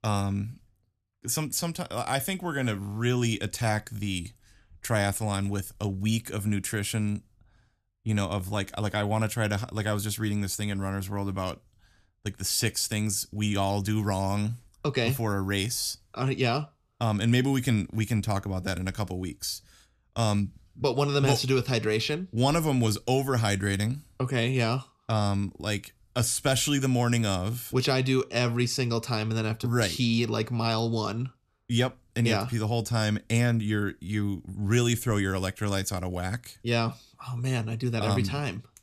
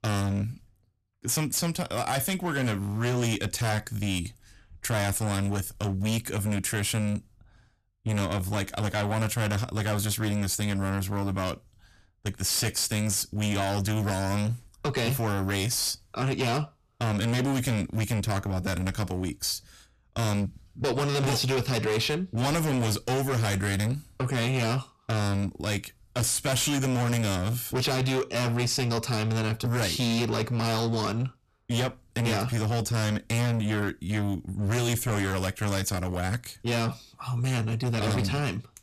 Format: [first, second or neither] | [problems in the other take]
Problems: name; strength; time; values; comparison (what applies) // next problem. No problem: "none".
first | distortion; heavy; 21% of the sound clipped